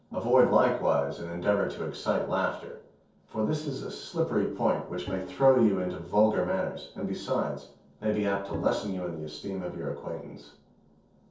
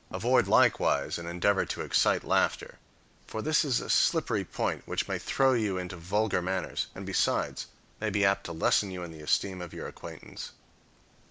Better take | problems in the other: second | noise reduction (neural separator model SepFormer DNS4)

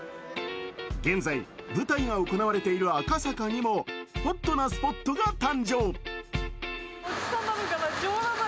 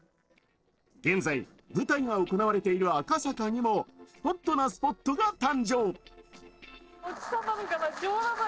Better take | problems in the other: first | noise reduction (neural separator model SepFormer DNS4)

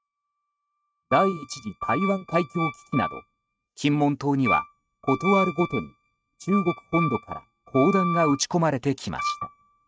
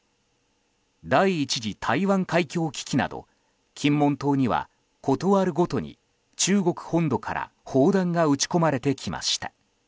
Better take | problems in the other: second | noise reduction (neural mask model RNNoise)

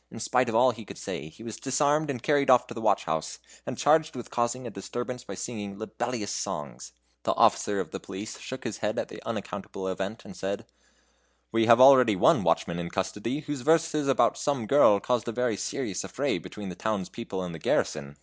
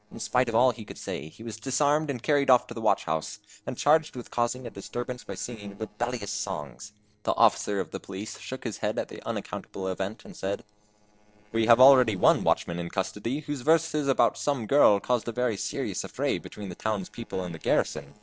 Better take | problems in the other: first | noise reduction (neural separator model SepFormer DNS4)

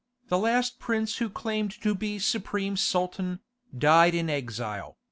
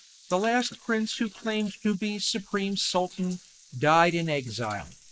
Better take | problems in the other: first | noise reduction (neural mask model Resemble Enhance denoiser)

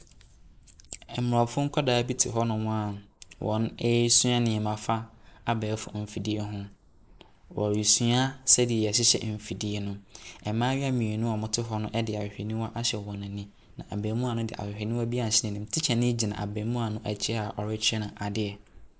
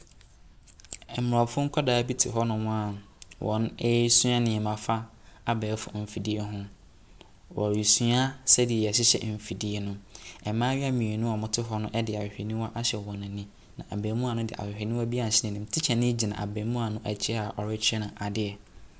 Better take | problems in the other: second | noise reduction (neural mask model Resemble Enhance denoiser)

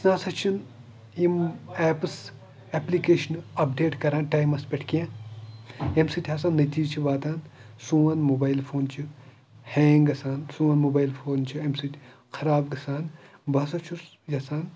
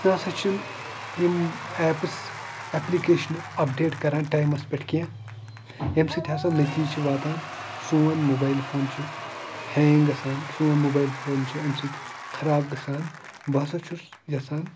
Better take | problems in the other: first | background sound (Applause / Crowd / Cheering); 12 dB below the speech

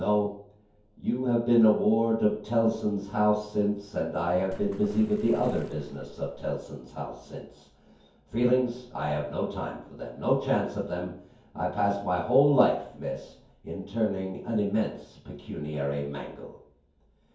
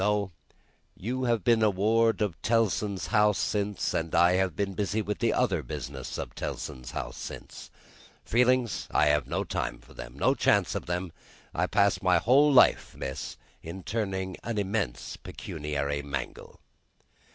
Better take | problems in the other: second | background sound (Water / Splash, splatter); 16 dB below the speech // room echo; dies away in 0.6 s

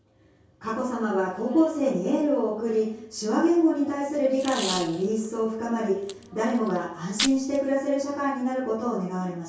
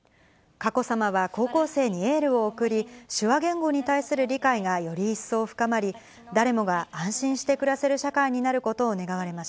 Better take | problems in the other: second | background sound (Packing tape, duct tape); 11 dB below the speech // room echo; dies away in 0.6 s

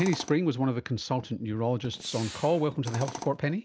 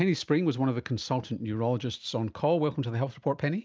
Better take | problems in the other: second | background sound (Tools + Gunshot, gunfire); 15 dB below the speech

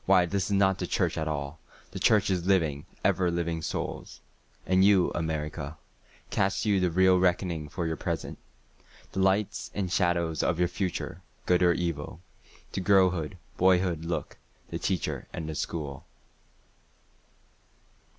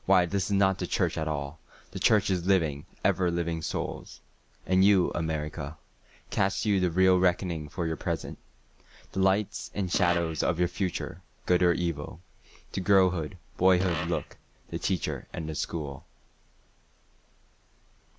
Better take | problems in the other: first | background sound (Fart); 11 dB below the speech

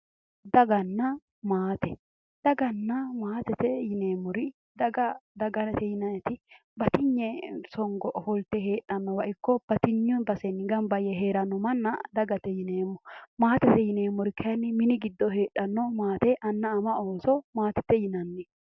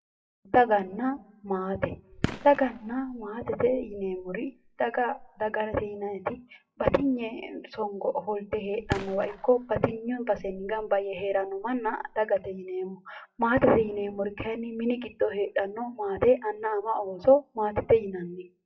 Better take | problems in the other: first | noise reduction (classical method WPE with log-MMSE)

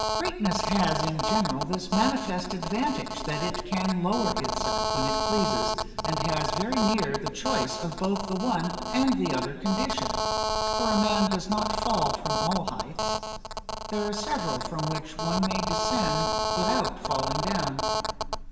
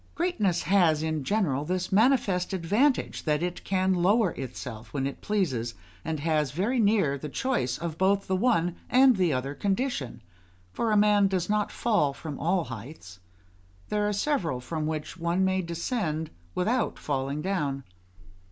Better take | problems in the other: second | background sound (Telephone); as loud as the speech // room echo; dies away in 2.1 s

